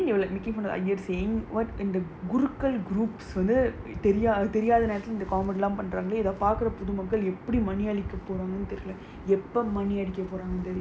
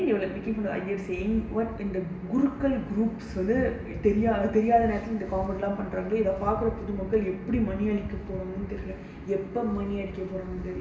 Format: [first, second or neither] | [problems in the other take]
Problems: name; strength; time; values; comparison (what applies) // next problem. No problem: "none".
first | room echo; dies away in 1.3 s